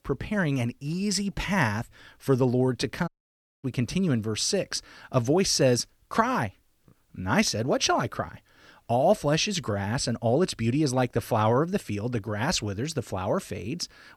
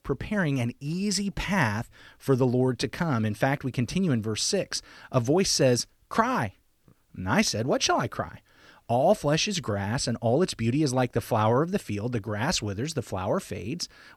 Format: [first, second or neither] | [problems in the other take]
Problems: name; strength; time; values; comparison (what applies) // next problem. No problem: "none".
second | audio cutting out; at 3 s for 0.5 s